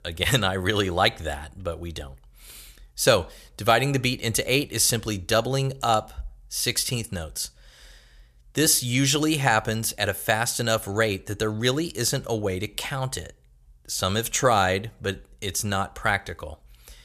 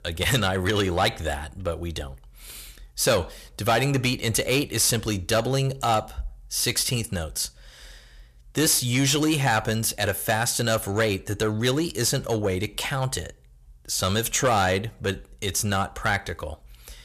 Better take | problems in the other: first | distortion; slight; 10 dB below the speech

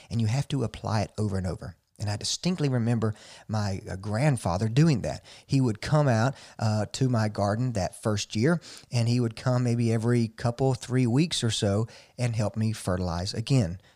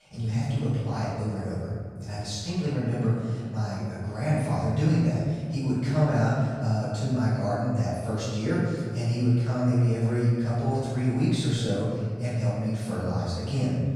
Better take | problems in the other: first | off-mic speech; far // room echo; strong; dies away in 2 s

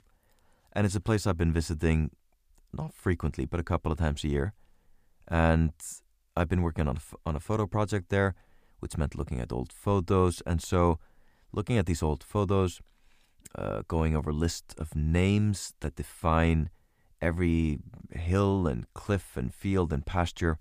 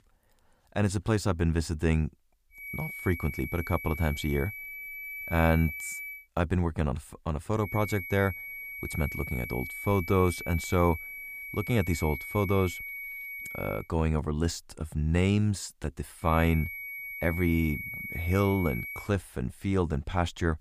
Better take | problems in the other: first | high-pitched whine; loud; from 2.5 to 6 s, from 7.5 to 14 s and from 16 to 19 s; 2 kHz, 8 dB below the speech

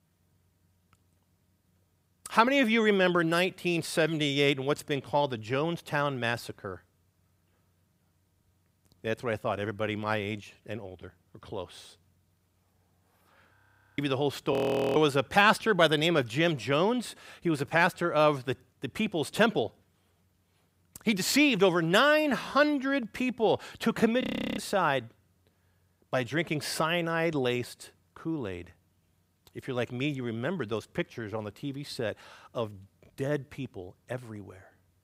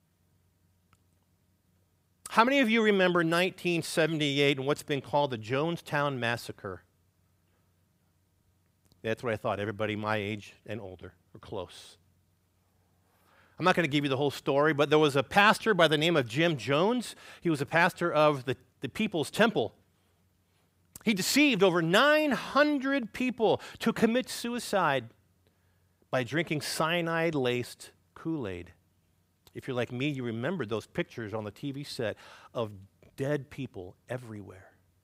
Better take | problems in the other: second | audio freezing; at 14 s, at 15 s and at 24 s

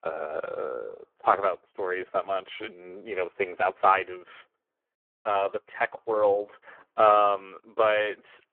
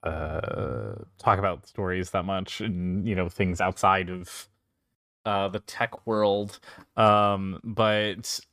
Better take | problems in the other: second | phone-call audio; poor line

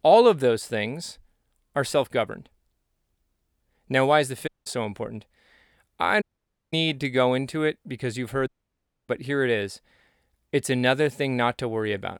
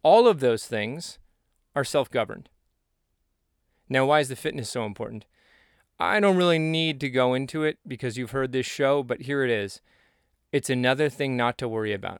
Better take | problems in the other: second | audio cutting out; at 4.5 s, at 6 s for 0.5 s and at 8.5 s for 0.5 s

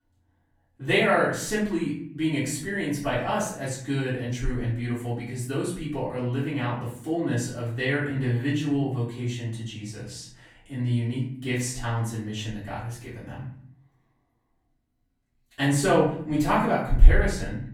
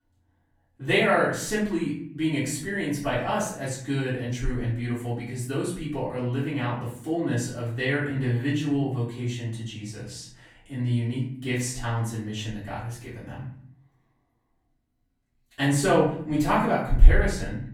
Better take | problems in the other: neither | off-mic speech; far; the same in both // room echo; noticeable; dies away in 0.6 s; the same in both

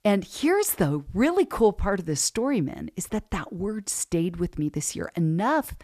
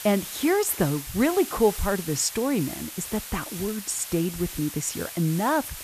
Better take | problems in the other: first | hiss; loud; throughout; 9 dB below the speech

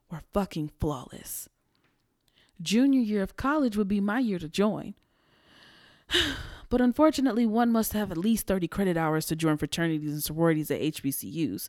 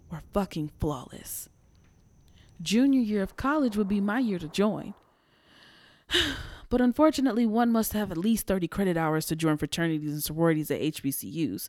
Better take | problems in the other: first | rain or running water; faint; until 5 s; 30 dB below the speech

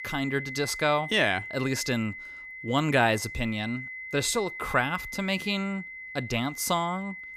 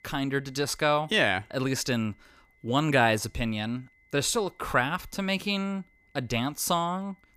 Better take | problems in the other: second | high-pitched whine; loud; throughout; 2 kHz, 10 dB below the speech; faint in the second

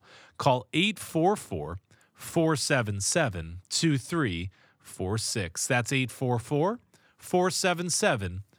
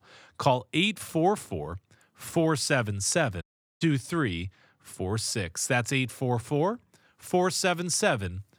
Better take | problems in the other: first | audio cutting out; at 3.5 s

